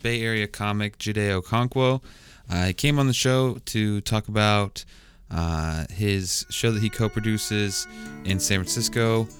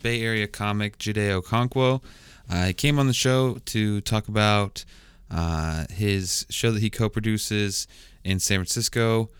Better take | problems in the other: second | background music; noticeable; from 6.5 s on; 15 dB below the speech

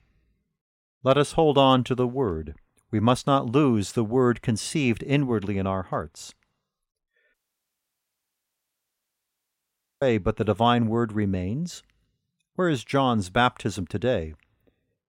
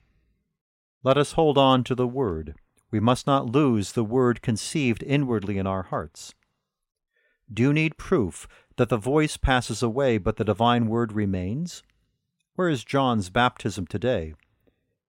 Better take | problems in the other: second | audio cutting out; at 7.5 s for 2.5 s

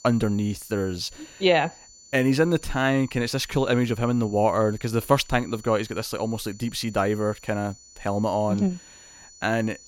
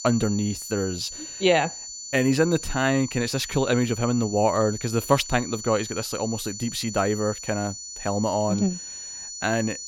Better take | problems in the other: first | high-pitched whine; loud; throughout; 7 kHz, 9 dB below the speech; faint in the first

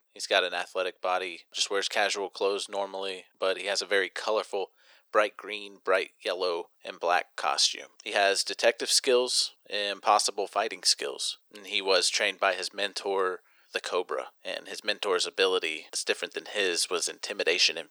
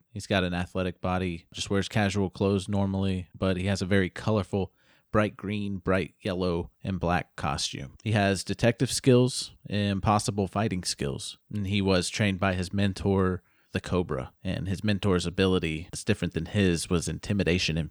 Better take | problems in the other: second | thin; very; fading below 450 Hz

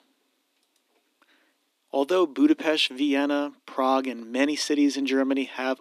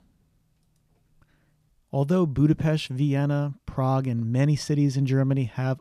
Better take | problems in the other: second | thin; somewhat; fading below 250 Hz

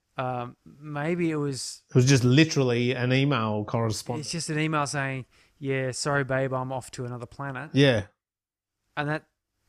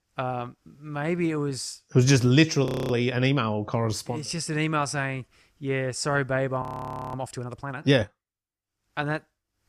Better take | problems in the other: first | audio freezing; at 2.5 s and at 6.5 s for 0.5 s

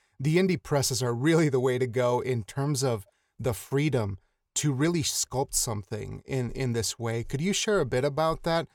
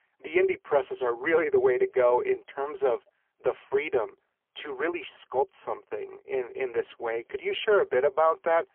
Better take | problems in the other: first | phone-call audio; poor line; nothing above 3.5 kHz

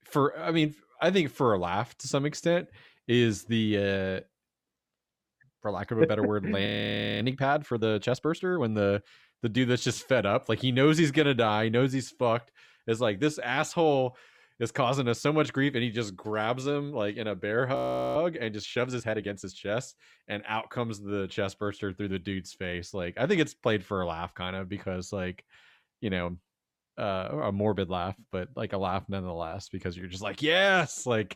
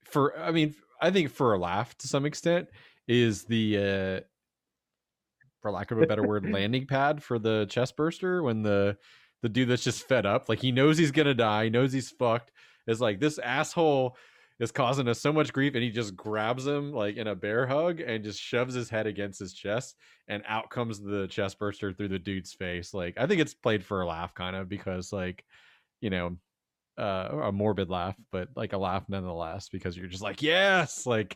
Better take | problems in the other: second | audio freezing; at 6.5 s for 0.5 s and at 18 s

